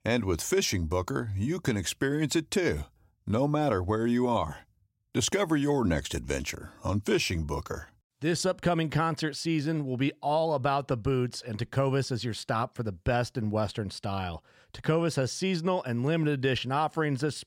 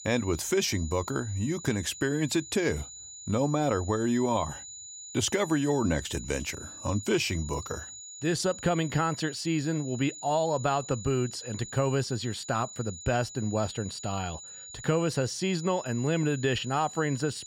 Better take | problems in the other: first | high-pitched whine; noticeable; throughout; 7 kHz, 10 dB below the speech

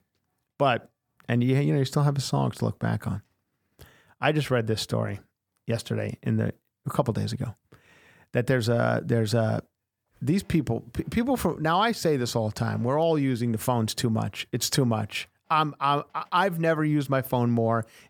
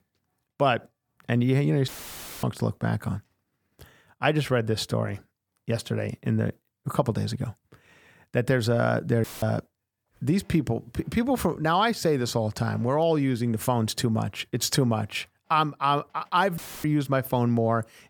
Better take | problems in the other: first | audio cutting out; filled with static; at 2 s for 0.5 s, at 9 s and at 17 s

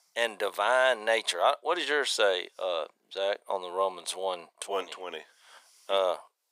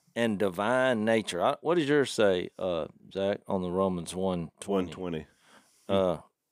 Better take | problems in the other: second | thin; very; fading below 600 Hz

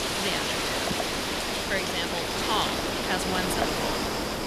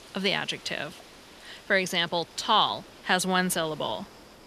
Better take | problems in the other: second | wind noise on the microphone; heavy; 4 dB above the speech; occasional gusts in the second

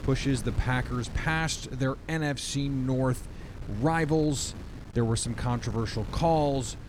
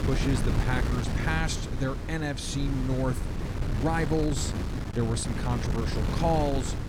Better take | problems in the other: first | wind noise on the microphone; heavy; 6 dB below the speech; occasional gusts in the first

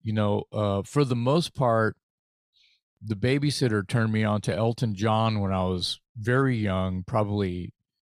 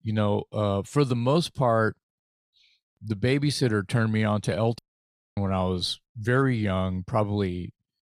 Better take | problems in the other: first | audio cutting out; at 5 s for 0.5 s

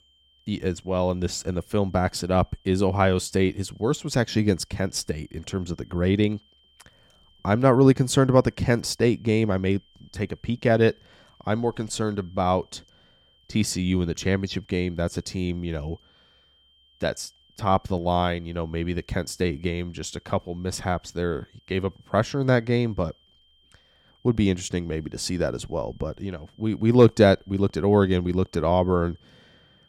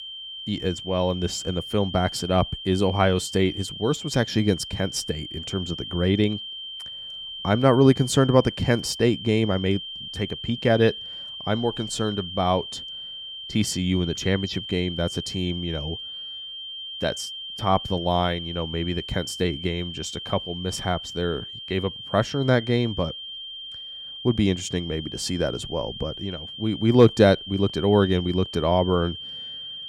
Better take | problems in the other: first | high-pitched whine; loud; throughout; 3 kHz, 10 dB below the speech; faint in the first

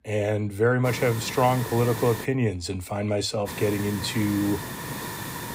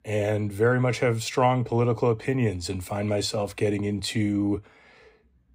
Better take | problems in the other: second | hiss; loud; from 1 to 2.5 s and from 3.5 s on; 9 dB below the speech

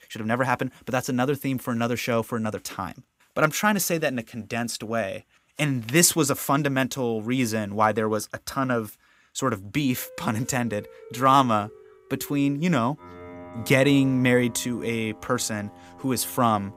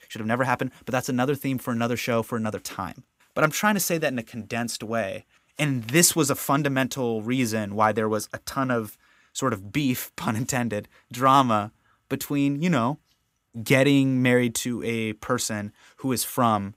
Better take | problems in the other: second | background music; faint; from 10 s on; 20 dB below the speech

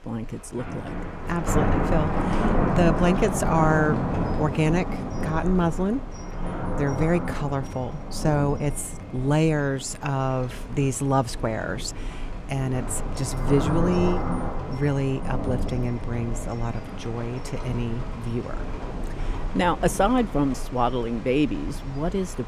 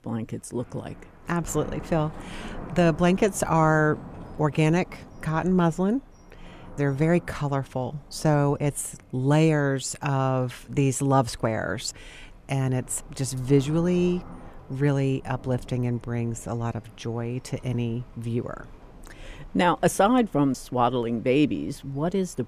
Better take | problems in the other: second | rain or running water; loud; throughout; 4 dB below the speech; faint in the second

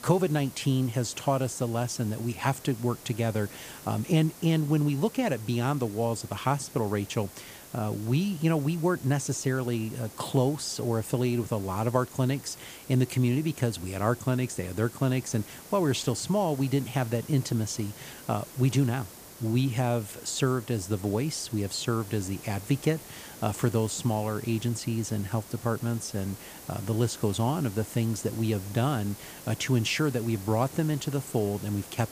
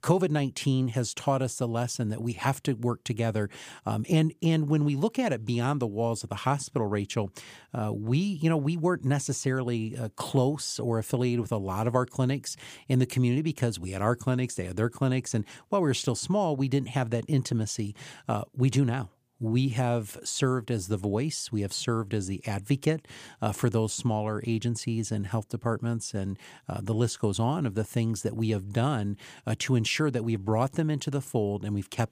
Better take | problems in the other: second | hiss; noticeable; throughout; 15 dB below the speech

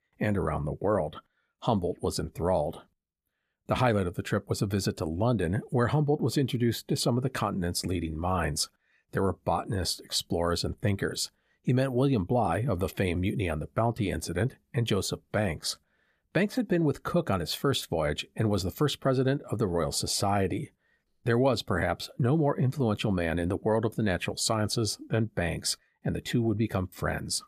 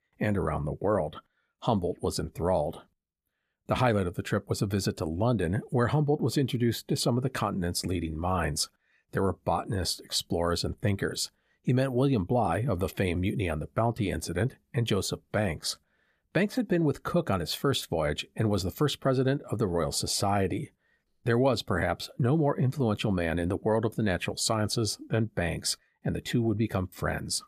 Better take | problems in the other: neither | none

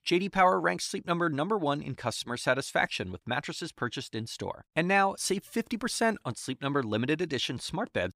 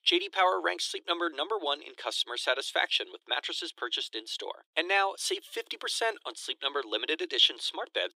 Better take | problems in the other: first | thin; very; fading below 350 Hz

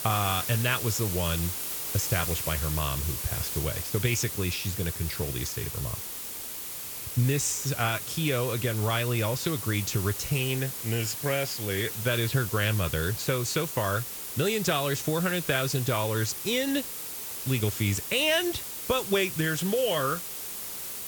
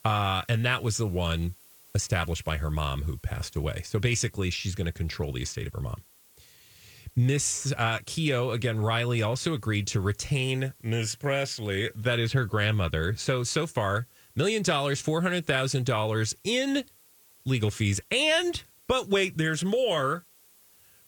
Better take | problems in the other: second | hiss; loud; throughout; 4 dB below the speech; faint in the second

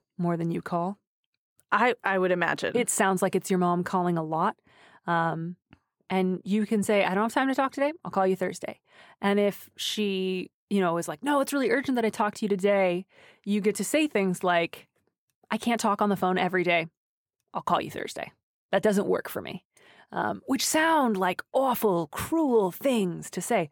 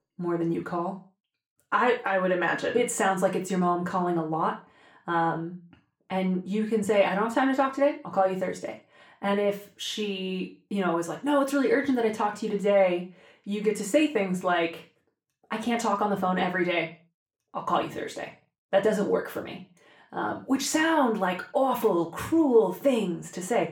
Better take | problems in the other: first | room echo; slight; dies away in 0.3 s // off-mic speech; far

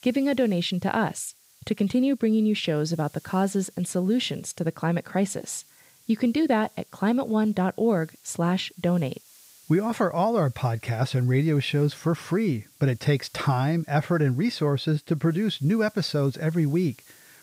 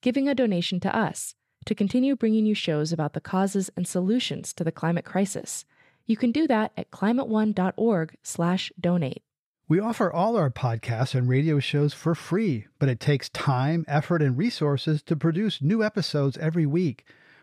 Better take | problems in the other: second | hiss; faint; throughout; 30 dB below the speech

